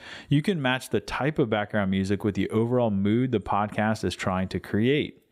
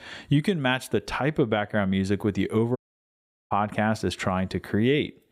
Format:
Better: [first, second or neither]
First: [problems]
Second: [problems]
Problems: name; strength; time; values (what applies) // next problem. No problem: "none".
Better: first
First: none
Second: audio cutting out; at 3 s for 1 s